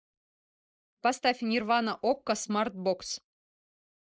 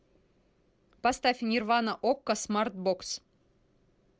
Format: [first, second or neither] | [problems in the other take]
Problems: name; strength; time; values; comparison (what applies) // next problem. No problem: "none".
second | noise reduction (neural mask model Resemble Enhance denoiser)